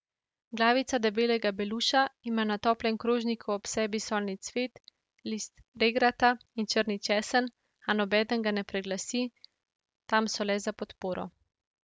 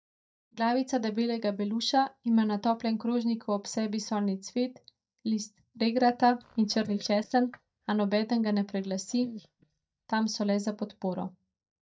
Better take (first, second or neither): first